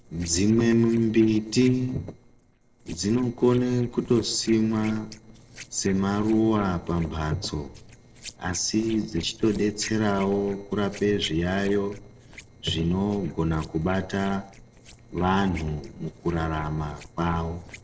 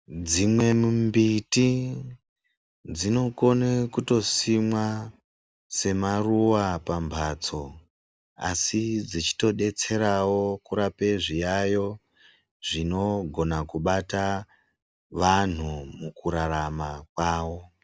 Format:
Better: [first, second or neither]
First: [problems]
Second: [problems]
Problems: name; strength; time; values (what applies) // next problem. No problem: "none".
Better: second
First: noise reduction (neural separator model SepFormer DNS4)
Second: none